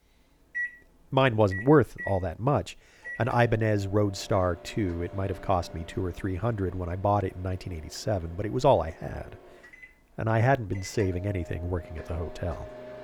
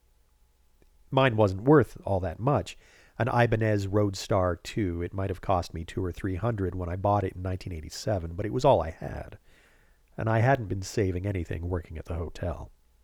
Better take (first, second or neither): second